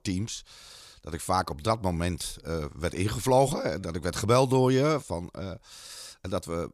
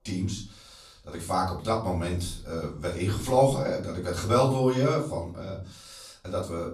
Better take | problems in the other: first | room echo; slight; dies away in 0.4 s // off-mic speech; far

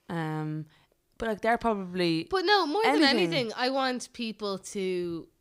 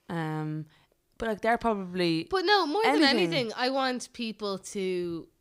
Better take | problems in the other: neither | none

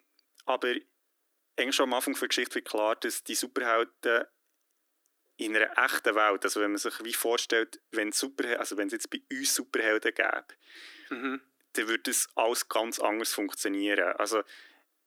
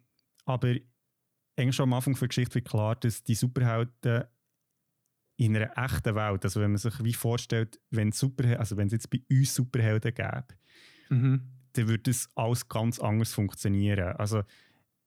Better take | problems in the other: second | thin; very; fading below 300 Hz

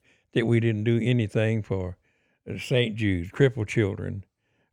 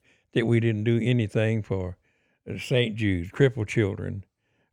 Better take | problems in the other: neither | none

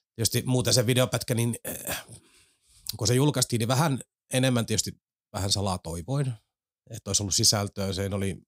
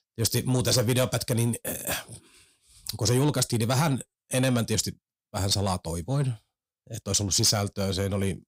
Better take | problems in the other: first | distortion; slight; 10 dB below the speech

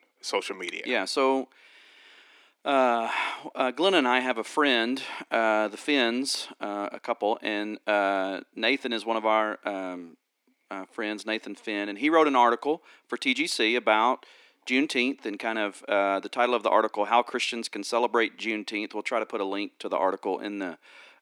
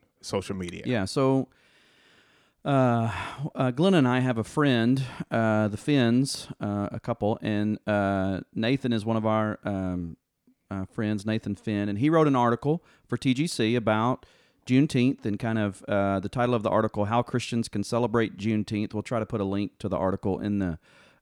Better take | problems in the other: second | thin; somewhat; fading below 300 Hz

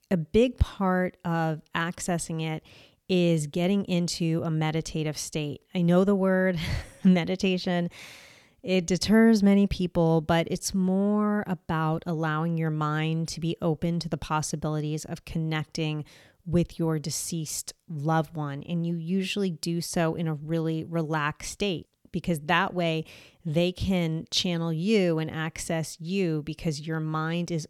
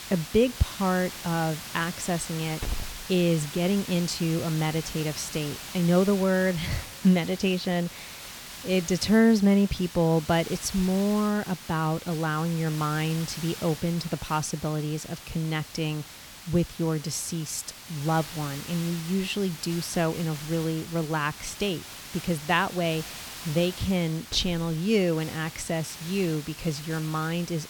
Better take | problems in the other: first | hiss; noticeable; throughout; 10 dB below the speech

